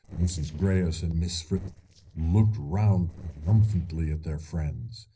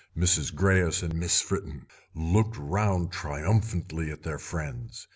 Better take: second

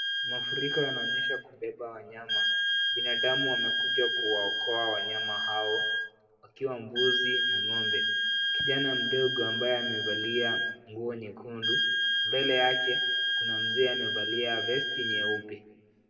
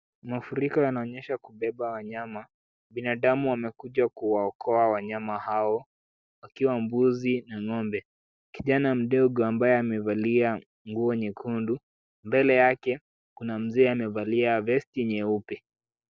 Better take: second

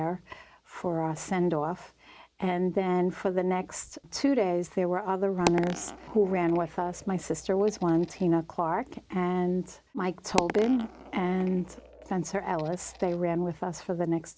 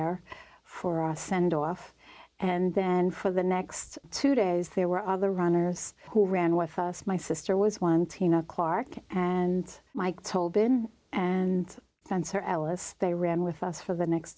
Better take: second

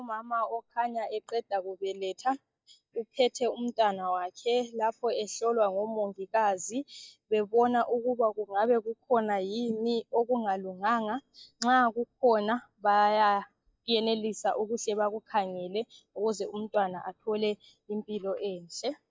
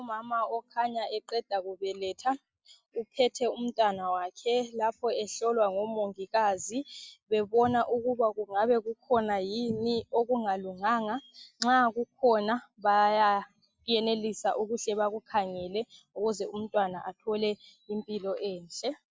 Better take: second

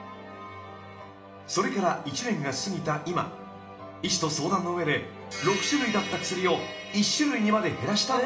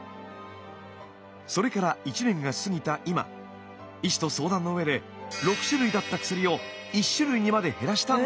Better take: second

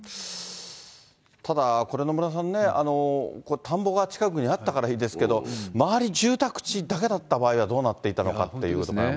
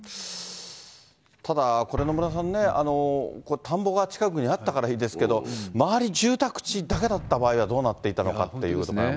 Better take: first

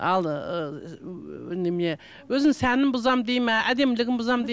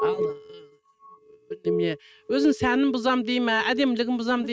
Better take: first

